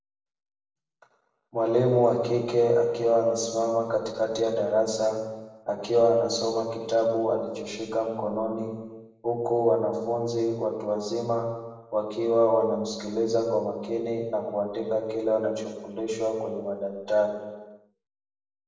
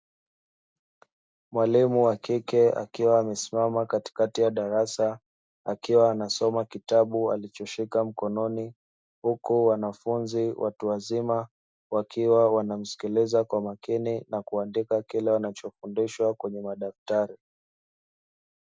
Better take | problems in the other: second | room echo; dies away in 1.1 s

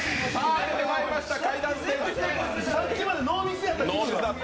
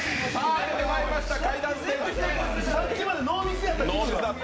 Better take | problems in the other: first | background sound (Bass drum / Keyboard (musical)); 5 dB below the speech

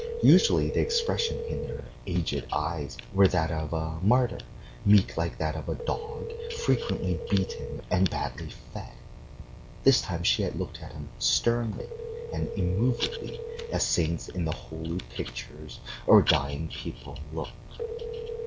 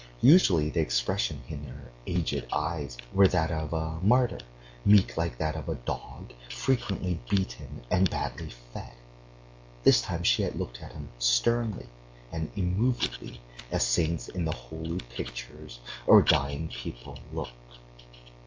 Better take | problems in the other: second | background sound (Telephone); 10 dB below the speech

